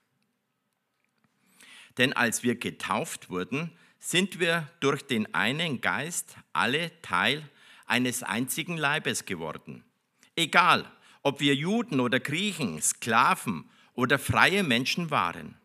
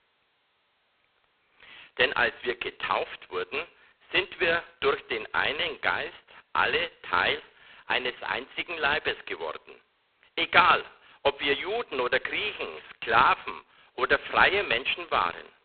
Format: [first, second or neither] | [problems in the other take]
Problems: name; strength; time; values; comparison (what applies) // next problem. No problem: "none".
first | phone-call audio; poor line; nothing above 4 kHz